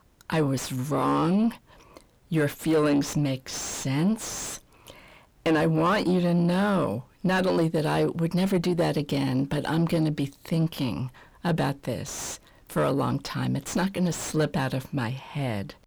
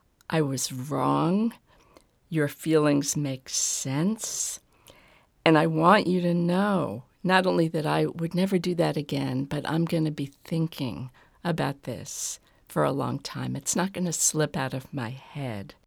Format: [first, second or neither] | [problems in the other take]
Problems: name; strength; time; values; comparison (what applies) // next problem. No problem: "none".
second | distortion; heavy; 5 dB below the speech